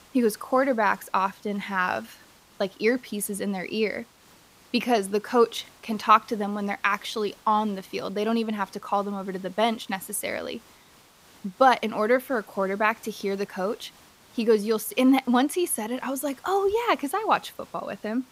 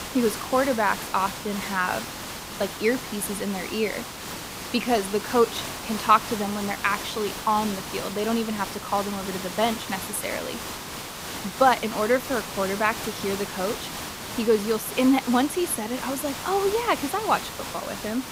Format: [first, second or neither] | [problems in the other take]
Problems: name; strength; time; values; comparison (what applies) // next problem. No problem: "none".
first | hiss; loud; throughout; 8 dB below the speech; faint in the first